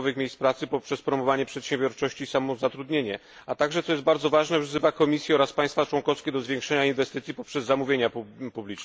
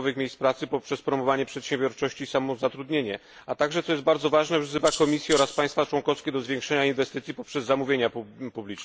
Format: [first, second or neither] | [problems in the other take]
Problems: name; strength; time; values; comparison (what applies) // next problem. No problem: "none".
first | background sound (Rattle (instrument)); 8 dB below the speech